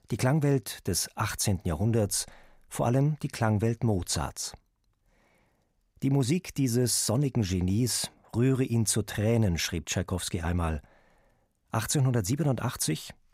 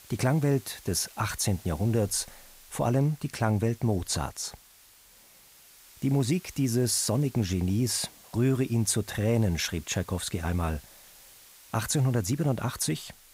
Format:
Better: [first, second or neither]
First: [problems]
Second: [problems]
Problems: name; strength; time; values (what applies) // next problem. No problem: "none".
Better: first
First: none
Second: hiss; faint; throughout; 20 dB below the speech